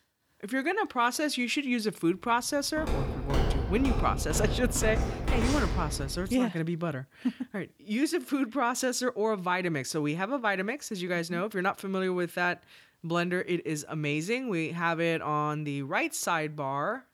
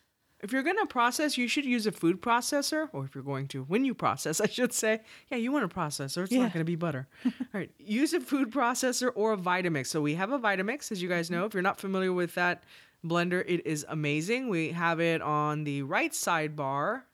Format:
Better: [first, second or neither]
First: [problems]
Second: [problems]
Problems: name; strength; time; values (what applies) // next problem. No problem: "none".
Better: second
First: footsteps; loud; from 3 to 6.5 s; peak 1 dB above the speech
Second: none